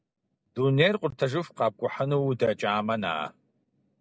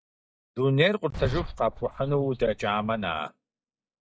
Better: first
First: none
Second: noise reduction (neural mask model DeepFilterNet 3)

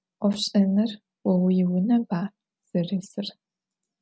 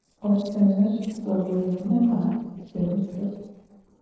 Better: first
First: none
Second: noise reduction (neural separator model SepFormer DNS4)

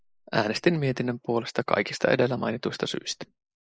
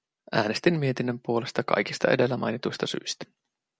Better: second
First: noise reduction (neural mask model Resemble Enhance denoiser)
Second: none

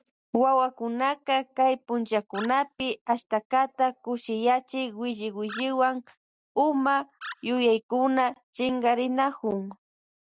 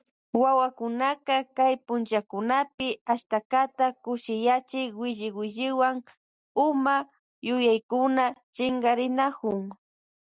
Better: second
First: background sound (Animal); 18 dB below the speech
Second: none

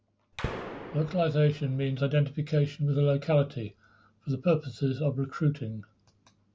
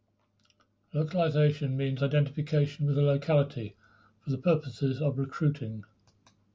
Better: second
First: background sound (Gunshot, gunfire); 11 dB below the speech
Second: none

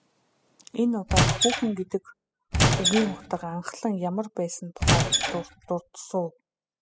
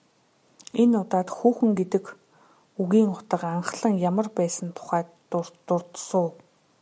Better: second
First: noise reduction (classical method spectral subtraction)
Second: none

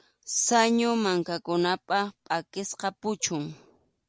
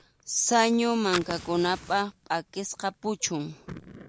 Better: first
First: none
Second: background sound (Fire); 14 dB below the speech

